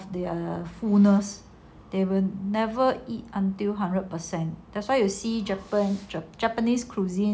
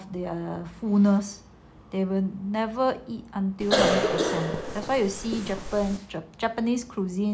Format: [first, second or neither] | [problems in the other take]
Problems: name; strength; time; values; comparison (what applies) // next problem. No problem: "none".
first | background sound (Cough); as loud as the speech